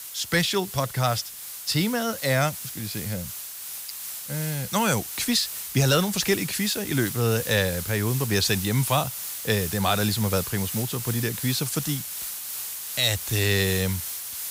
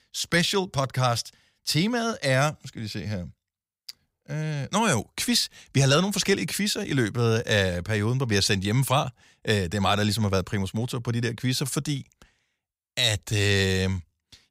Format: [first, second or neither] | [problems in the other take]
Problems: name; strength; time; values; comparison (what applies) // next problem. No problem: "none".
second | hiss; loud; throughout; 6 dB below the speech